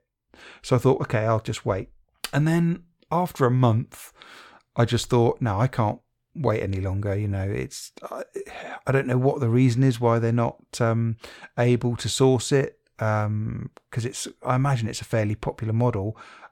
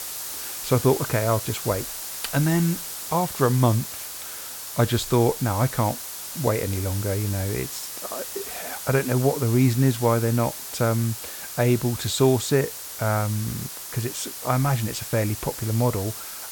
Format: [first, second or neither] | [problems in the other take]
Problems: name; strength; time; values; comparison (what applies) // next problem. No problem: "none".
first | hiss; loud; throughout; 8 dB below the speech